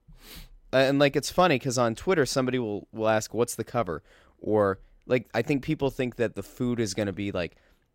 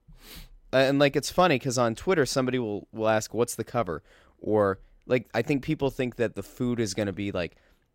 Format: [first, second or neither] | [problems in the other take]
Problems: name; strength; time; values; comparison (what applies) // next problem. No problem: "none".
neither | none